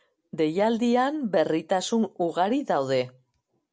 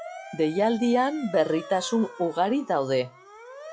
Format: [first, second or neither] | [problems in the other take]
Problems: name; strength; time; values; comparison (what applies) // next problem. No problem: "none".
first | noise reduction (classical method log-MMSE)